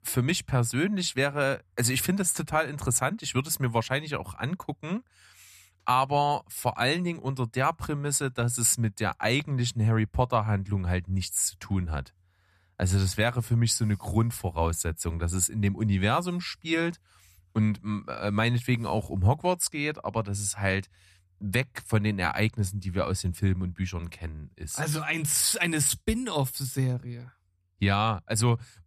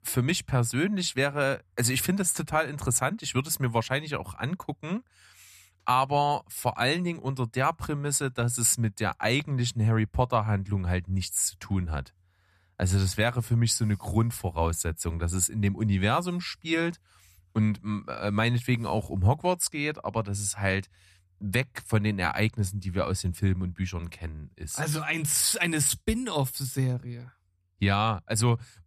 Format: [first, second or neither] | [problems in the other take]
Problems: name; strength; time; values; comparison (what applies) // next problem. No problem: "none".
neither | none